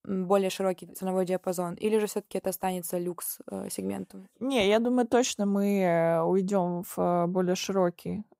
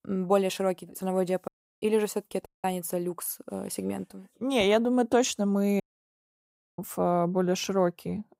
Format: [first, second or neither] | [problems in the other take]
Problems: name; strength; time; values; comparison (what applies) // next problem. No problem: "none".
first | audio cutting out; at 1.5 s, at 2.5 s and at 6 s for 1 s